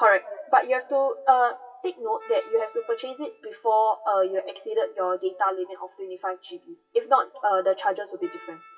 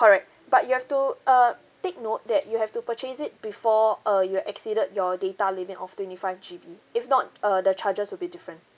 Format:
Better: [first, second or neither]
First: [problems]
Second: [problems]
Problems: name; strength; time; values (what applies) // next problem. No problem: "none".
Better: second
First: noise reduction (classical method WPE with log-MMSE)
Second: none